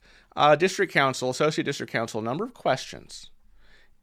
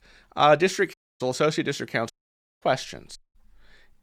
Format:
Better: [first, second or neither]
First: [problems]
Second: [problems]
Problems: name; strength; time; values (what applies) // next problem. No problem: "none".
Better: first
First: none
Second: audio cutting out; at 1 s, at 2 s for 0.5 s and at 3 s